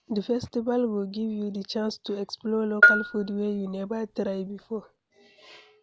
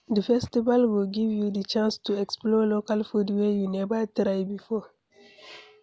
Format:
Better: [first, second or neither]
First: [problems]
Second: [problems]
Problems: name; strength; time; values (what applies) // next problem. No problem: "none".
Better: second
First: background sound (Bell); 4 dB above the speech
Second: none